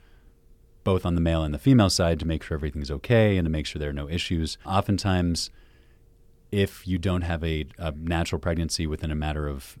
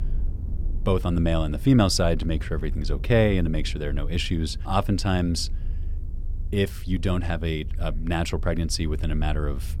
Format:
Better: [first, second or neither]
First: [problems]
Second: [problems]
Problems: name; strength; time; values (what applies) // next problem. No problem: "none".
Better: first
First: none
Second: low rumble; faint; throughout; 20 dB below the speech